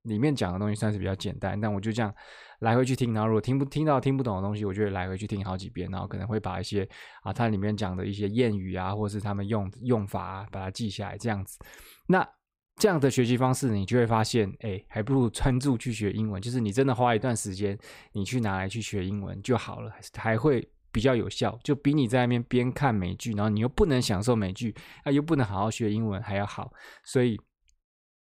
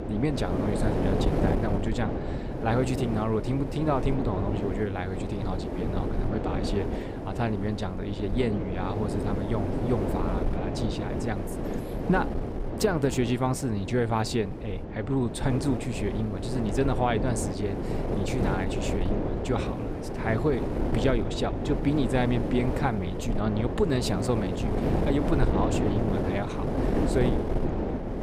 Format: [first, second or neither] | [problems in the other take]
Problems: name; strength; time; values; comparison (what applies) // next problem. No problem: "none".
first | wind noise on the microphone; heavy; 2 dB below the speech